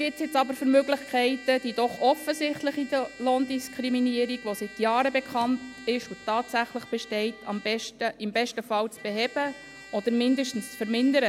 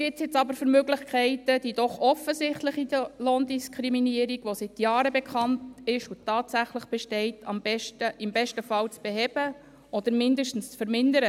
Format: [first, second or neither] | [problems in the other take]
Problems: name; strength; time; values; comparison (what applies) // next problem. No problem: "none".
second | background sound (Trumpet); 19 dB below the speech